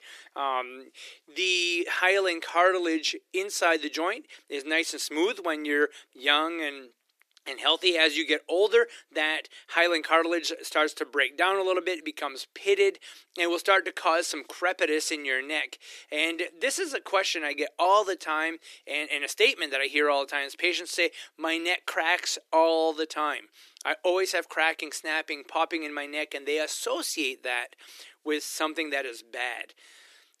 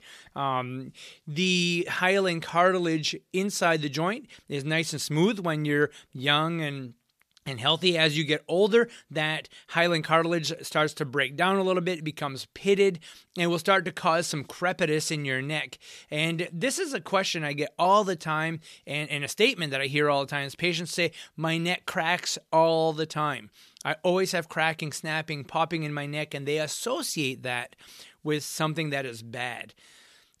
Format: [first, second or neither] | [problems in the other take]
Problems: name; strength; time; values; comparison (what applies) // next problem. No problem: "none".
second | thin; somewhat; fading below 300 Hz